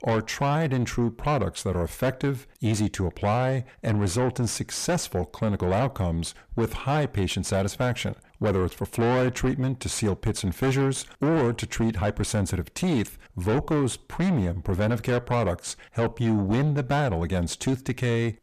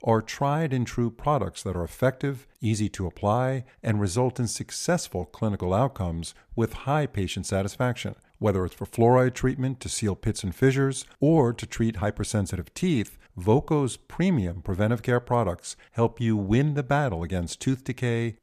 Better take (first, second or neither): second